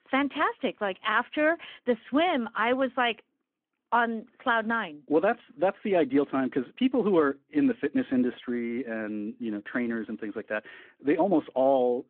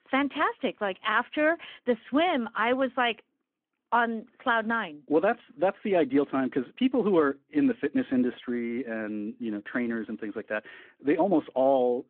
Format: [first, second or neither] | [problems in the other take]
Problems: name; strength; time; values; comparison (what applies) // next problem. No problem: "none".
neither | phone-call audio; the same in both